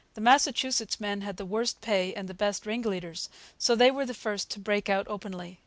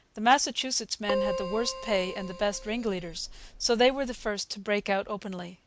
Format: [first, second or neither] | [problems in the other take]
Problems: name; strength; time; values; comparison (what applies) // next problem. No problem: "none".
first | background sound (Keyboard (musical)); 7 dB below the speech